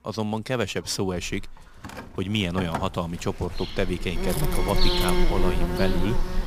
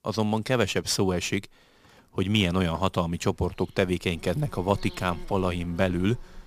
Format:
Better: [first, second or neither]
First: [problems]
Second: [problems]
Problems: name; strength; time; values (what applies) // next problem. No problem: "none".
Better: second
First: animal sounds; loud; throughout; as loud as the speech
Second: animal sounds; faint; throughout; 20 dB below the speech